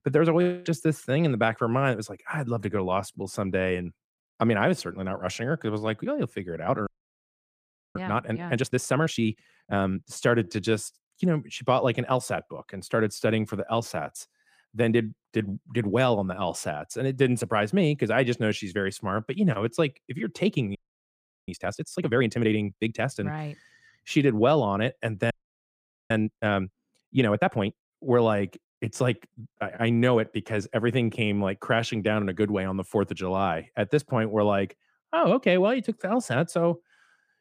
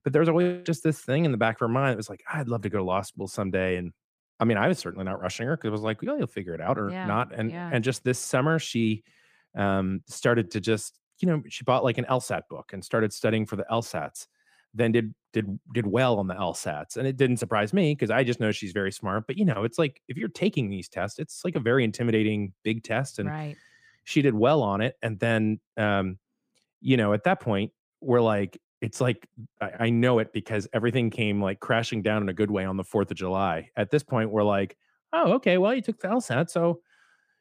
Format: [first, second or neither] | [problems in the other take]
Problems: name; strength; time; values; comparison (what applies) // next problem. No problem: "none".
second | audio freezing; at 7 s for 1 s, at 21 s for 0.5 s and at 25 s for 1 s